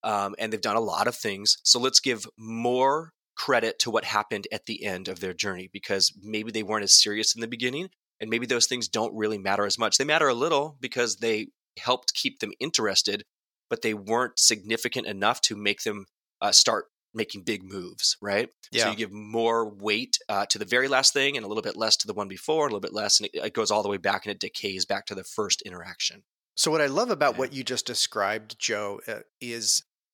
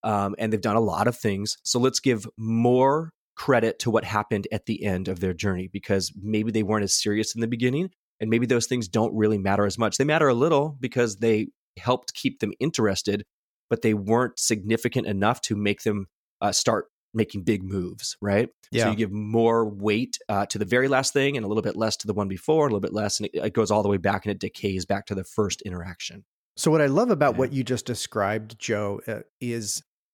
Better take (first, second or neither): second